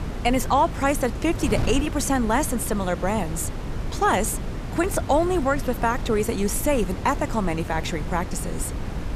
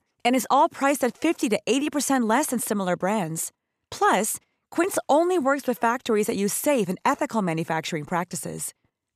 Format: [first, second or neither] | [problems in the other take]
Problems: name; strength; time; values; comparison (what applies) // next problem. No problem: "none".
second | wind noise on the microphone; occasional gusts; 15 dB below the speech